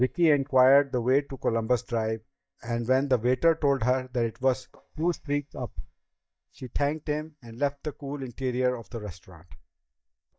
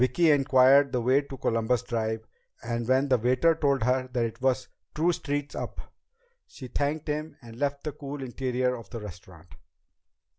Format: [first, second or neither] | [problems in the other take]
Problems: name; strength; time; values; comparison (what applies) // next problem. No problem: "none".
second | noise reduction (neural mask model DeepFilterNet 3)